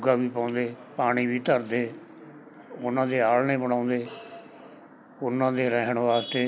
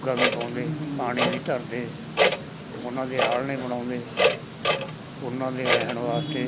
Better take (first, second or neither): first